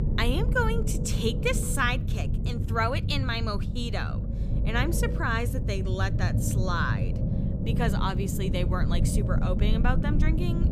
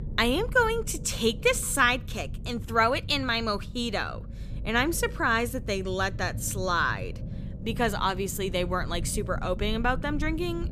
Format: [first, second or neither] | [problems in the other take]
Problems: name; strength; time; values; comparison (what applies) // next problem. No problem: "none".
second | low rumble; loud; throughout; 9 dB below the speech; faint in the second